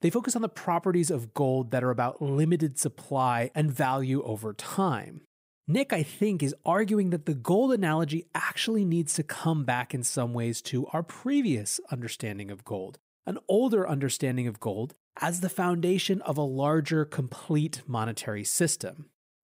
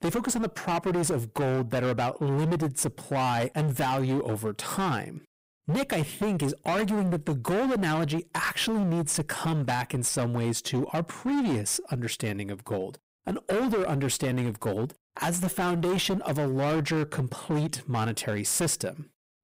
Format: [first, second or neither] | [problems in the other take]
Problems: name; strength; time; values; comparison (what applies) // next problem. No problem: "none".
first | distortion; heavy; 24% of the sound clipped